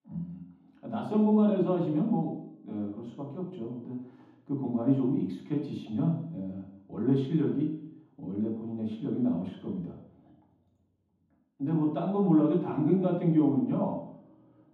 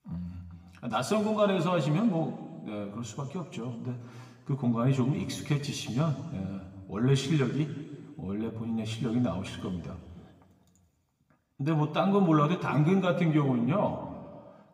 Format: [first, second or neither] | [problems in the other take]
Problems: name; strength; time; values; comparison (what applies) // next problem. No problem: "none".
second | room echo; strong; dies away in 0.9 s; slight in the second // off-mic speech; far; somewhat distant in the second